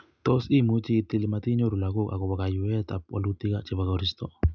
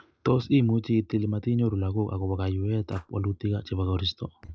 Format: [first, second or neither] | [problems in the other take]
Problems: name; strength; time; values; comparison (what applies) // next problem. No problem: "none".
first | noise reduction (neural separator model SepFormer DNS4)